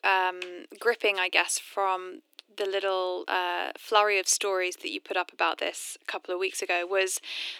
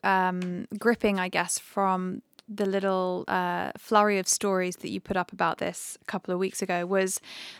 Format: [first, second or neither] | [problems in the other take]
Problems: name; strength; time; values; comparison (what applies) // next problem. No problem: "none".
second | thin; very; fading below 300 Hz